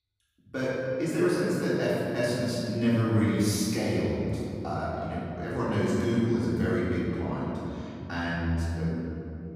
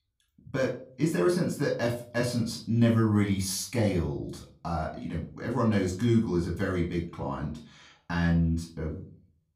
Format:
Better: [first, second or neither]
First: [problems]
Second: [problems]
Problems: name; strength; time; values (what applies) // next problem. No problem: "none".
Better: second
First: room echo; strong; dies away in 3 s // off-mic speech; far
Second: room echo; slight; dies away in 0.4 s // off-mic speech; far